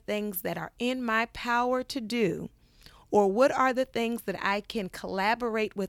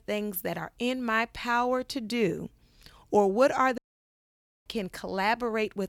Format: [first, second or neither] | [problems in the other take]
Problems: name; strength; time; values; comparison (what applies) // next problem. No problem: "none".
first | audio cutting out; at 4 s for 1 s